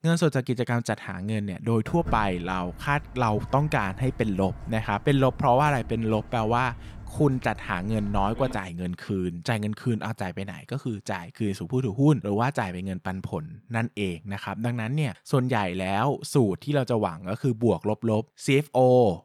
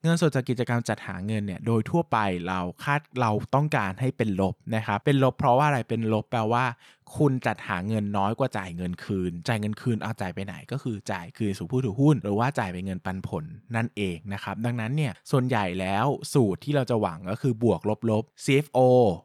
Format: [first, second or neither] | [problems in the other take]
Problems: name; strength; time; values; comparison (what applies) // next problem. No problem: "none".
second | footsteps; noticeable; from 2 to 8.5 s; peak 10 dB below the speech